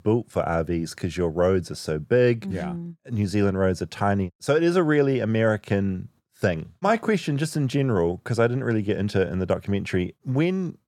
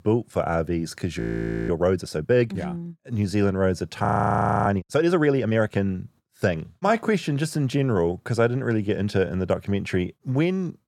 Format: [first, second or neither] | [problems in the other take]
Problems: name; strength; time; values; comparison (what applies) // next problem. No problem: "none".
first | audio freezing; at 1 s for 0.5 s and at 4 s for 0.5 s